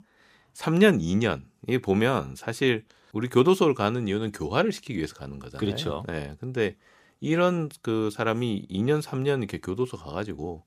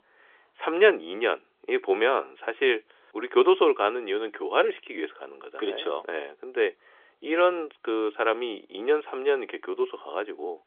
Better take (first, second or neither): first